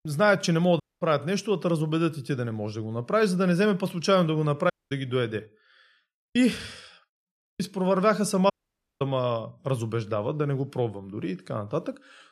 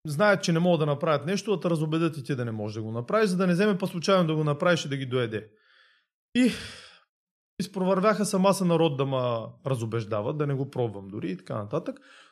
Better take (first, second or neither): second